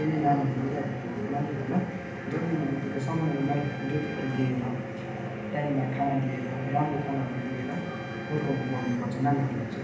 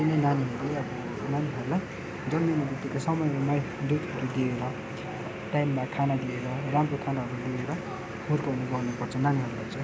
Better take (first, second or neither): second